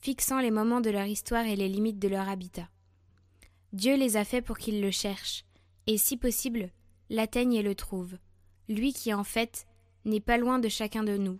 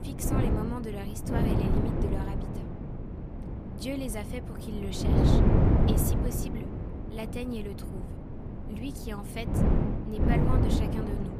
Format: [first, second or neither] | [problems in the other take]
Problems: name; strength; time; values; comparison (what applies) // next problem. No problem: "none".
first | wind noise on the microphone; heavy; 3 dB above the speech